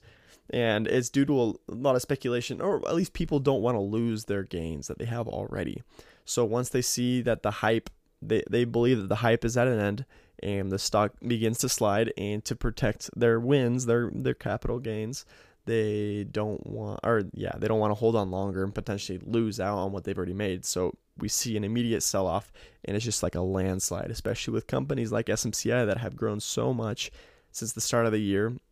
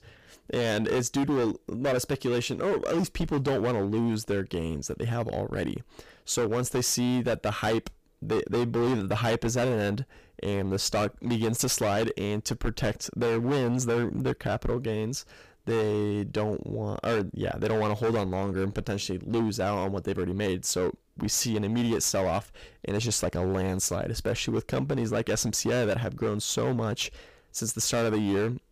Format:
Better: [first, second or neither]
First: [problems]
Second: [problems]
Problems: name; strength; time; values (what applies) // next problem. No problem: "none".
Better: first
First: none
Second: distortion; heavy; 15% of the sound clipped